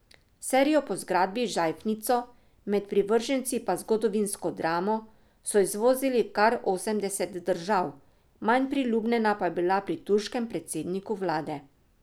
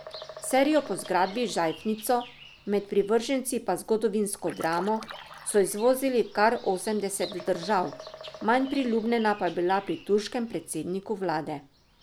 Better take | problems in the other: first | background sound (Splash, splatter + Bird vocalization, bird call, bird song); 18 dB below the speech

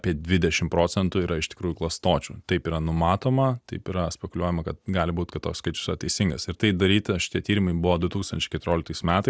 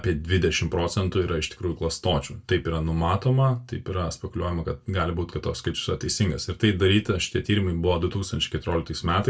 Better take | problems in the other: first | room echo; dies away in 0.2 s

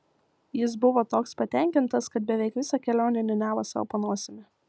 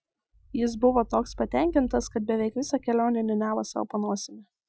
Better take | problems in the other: first | noise reduction (classical method Wiener filter)

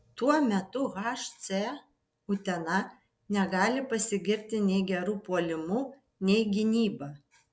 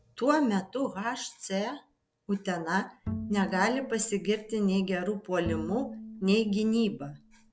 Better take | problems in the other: first | background sound (Bowed string instrument); 11 dB below the speech

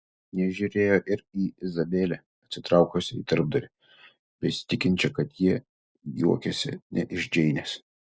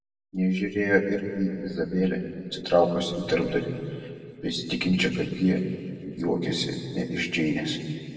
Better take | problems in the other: first | room echo; dies away in 2.2 s

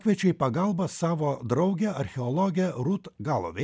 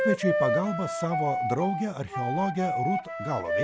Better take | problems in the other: first | background sound (Wind instrument, woodwind instrument); 1 dB above the speech

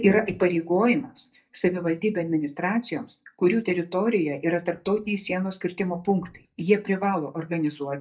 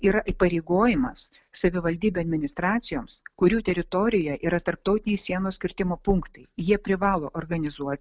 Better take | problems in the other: second | noise reduction (neural mask model DeepFilterNet 3)

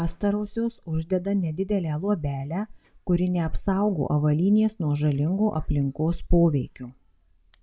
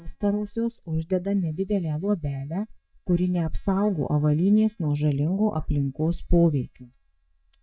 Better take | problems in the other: first | noise reduction (neural mask model DeepFilterNet 3)

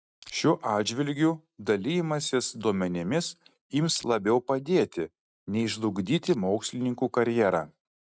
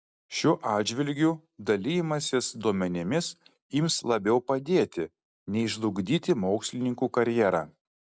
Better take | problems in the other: second | noise reduction (neural mask model RNNoise)

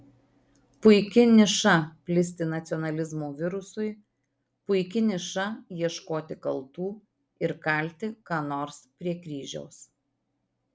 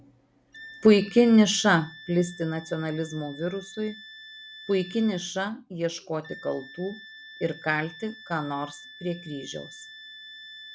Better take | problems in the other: first | background sound (Wind instrument, woodwind instrument); 19 dB below the speech

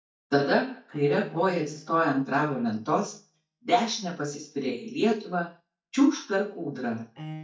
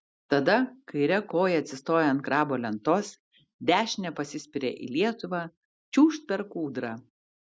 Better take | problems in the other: second | noise reduction (neural mask model DeepFilterNet 3)

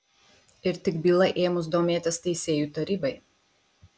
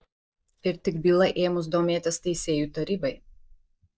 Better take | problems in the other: first | noise reduction (neural mask model DeepFilterNet 3)

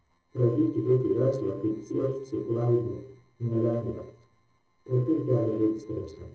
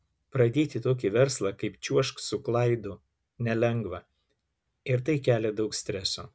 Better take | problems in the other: second | noise reduction (neural separator model SepFormer DNS4)

